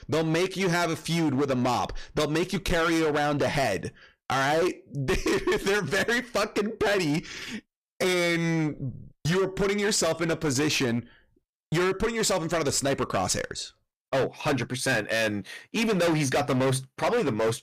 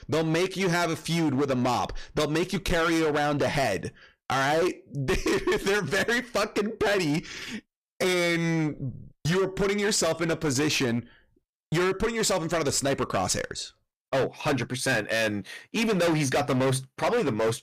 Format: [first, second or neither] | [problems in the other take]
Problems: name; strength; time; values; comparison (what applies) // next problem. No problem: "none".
neither | distortion; heavy; 19% of the sound clipped; the same in both